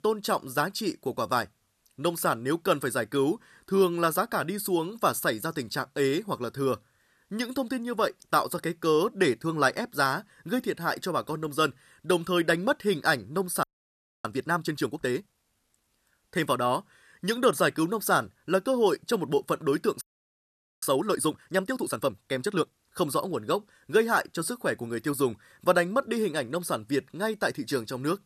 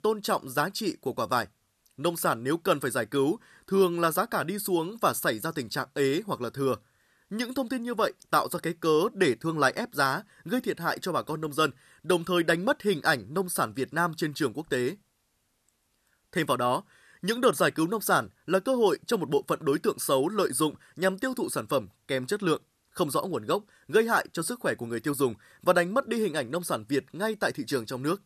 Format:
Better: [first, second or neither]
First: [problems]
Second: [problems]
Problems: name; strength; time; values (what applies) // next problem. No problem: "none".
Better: second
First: audio freezing; at 14 s for 0.5 s and at 20 s for 1 s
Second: none